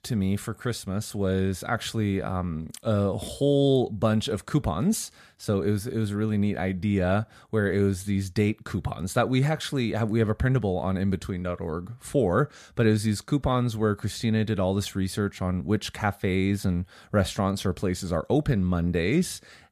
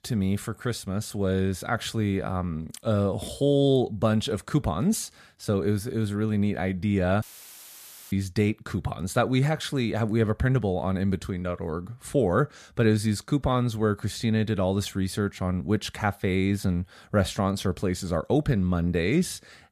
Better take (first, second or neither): first